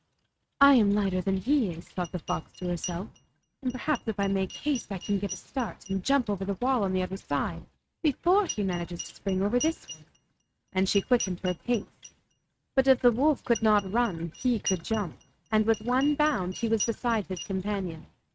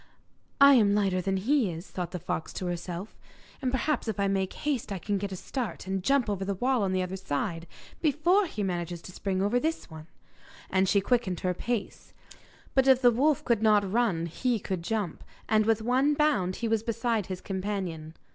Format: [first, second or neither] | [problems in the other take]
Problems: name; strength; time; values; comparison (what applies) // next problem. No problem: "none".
second | noise reduction (neural mask model RNNoise)